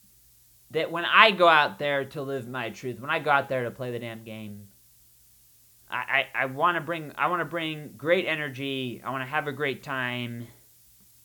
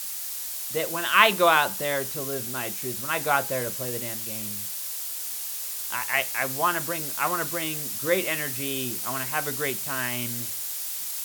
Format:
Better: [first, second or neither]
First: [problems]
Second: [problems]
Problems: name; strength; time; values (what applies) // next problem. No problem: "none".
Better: first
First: hiss; faint; throughout; 30 dB below the speech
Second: hiss; loud; throughout; 3 dB below the speech